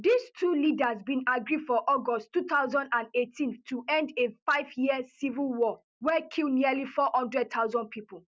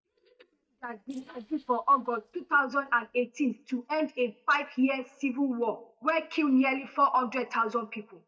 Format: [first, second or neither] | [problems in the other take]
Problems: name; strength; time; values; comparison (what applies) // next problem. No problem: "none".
first | noise reduction (neural mask model DeepFilterNet 3)